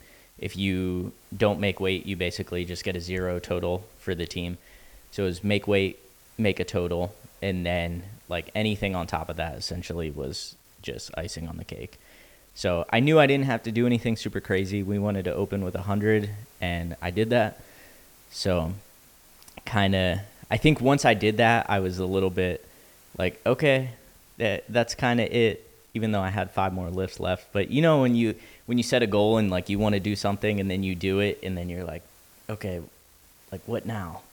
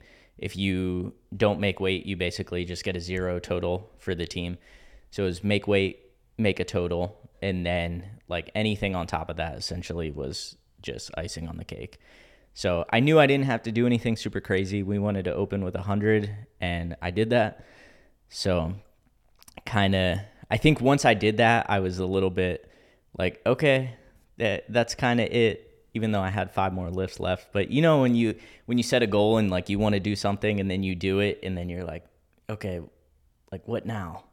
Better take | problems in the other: second | hiss; faint; throughout; 25 dB below the speech

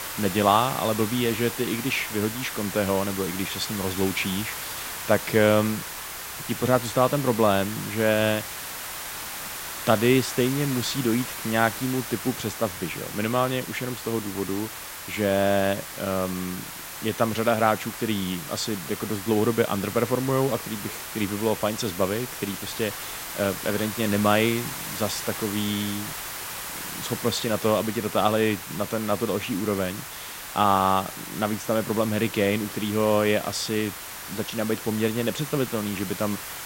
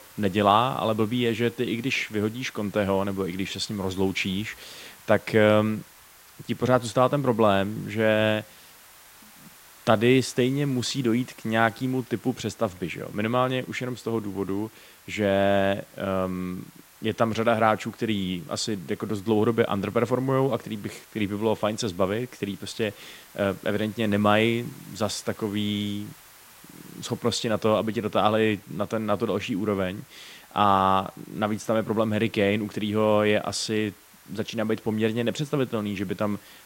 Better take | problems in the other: second | hiss; loud; throughout; 8 dB below the speech; faint in the second

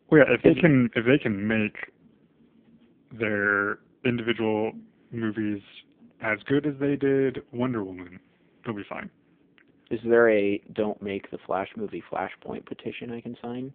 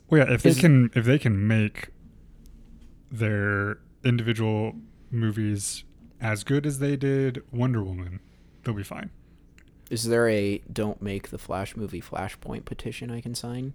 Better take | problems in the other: second | phone-call audio; poor line

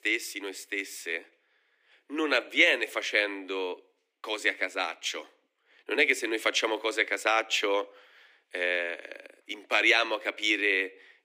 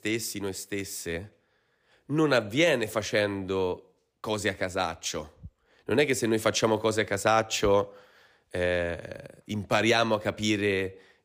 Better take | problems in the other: second | thin; somewhat; fading below 300 Hz

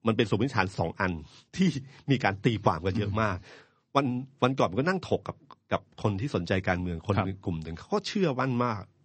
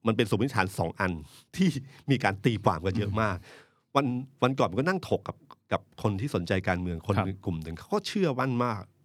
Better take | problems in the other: second | garbled, watery; slightly; nothing above 8 kHz

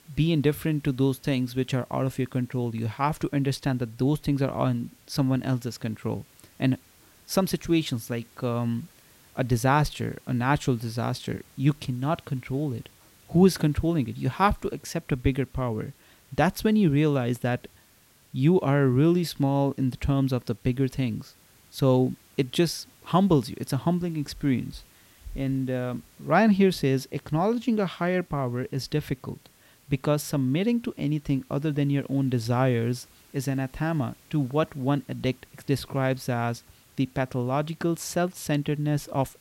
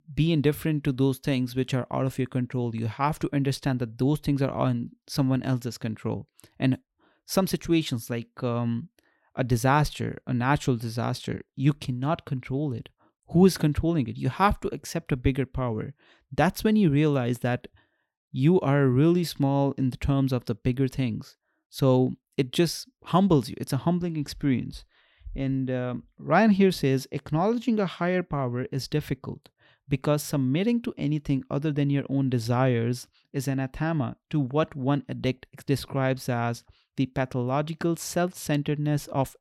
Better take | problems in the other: second | hiss; faint; throughout; 30 dB below the speech

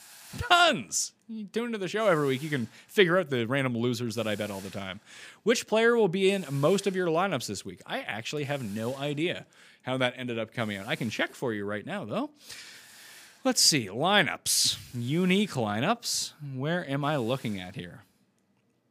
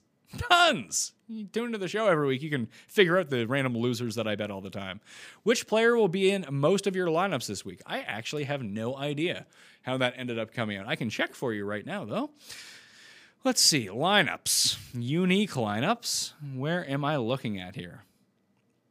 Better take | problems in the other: second | hiss; faint; throughout; 25 dB below the speech

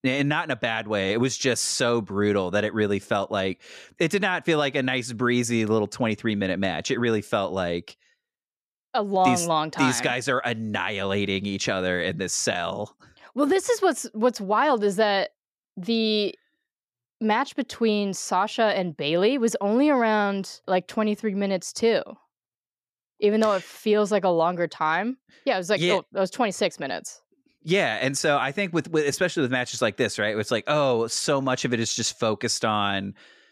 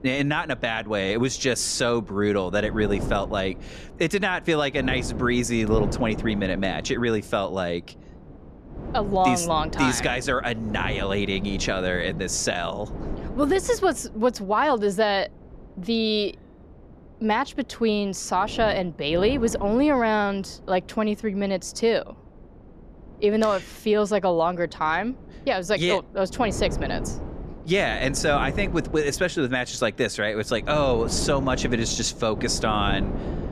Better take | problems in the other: first | wind noise on the microphone; occasional gusts; 15 dB below the speech

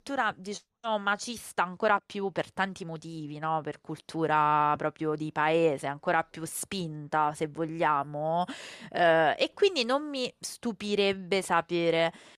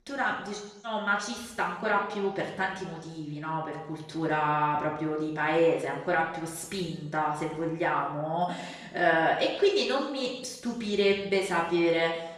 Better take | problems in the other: first | room echo; noticeable; dies away in 0.9 s // off-mic speech; far

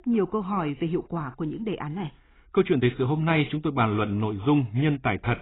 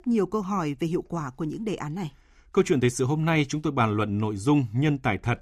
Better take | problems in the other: second | garbled, watery; badly; nothing above 4 kHz

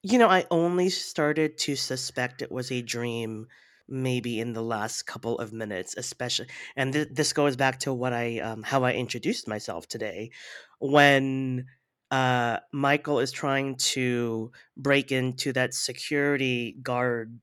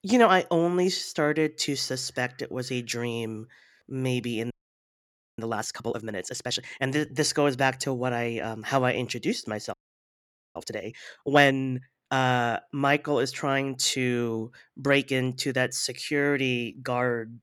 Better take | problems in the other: first | audio freezing; at 4.5 s for 1 s and at 9.5 s for 1 s

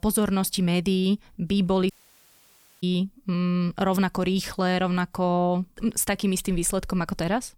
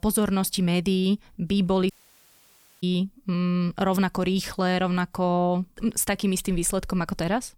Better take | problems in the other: neither | audio cutting out; at 2 s for 1 s; the same in both

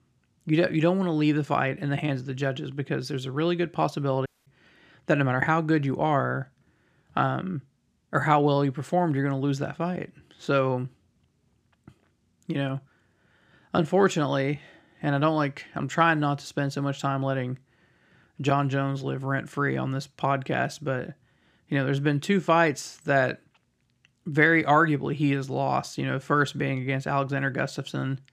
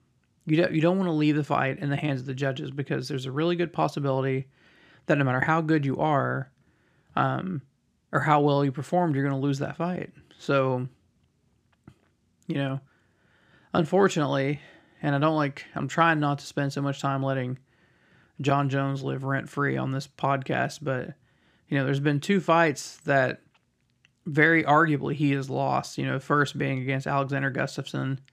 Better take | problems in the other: second | audio cutting out; at 4.5 s

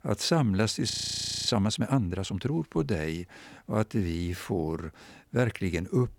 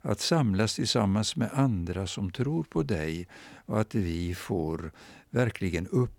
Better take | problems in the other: second | audio freezing; at 1 s for 0.5 s

